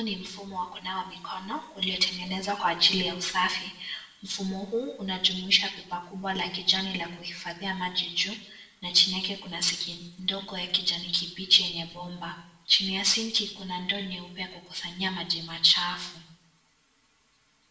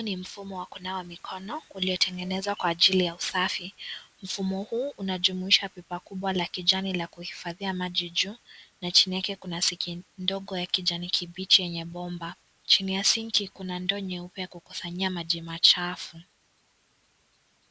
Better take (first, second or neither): second